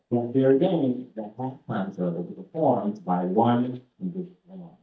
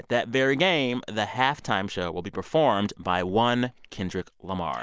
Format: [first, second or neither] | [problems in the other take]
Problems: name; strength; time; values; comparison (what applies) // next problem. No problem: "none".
second | noise reduction (neural mask model DeepFilterNet 3)